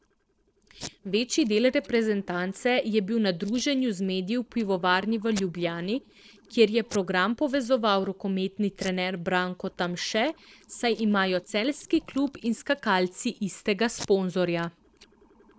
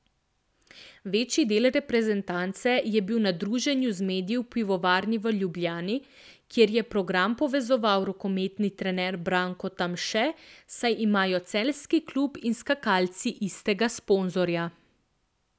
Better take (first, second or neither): second